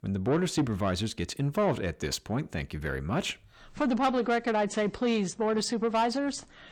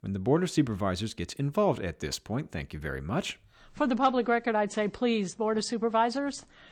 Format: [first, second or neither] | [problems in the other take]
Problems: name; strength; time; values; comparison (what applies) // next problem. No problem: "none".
second | distortion; slight; 10 dB below the speech